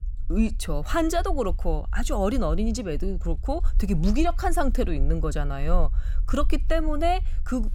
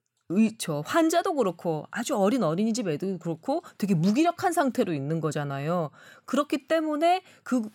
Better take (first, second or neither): second